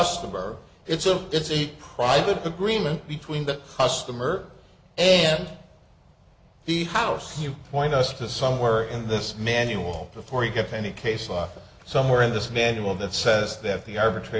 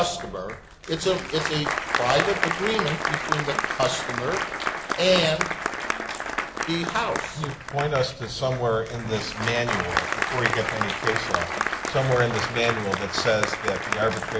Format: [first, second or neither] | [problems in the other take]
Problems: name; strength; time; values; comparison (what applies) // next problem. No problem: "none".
first | background sound (Applause); 2 dB below the speech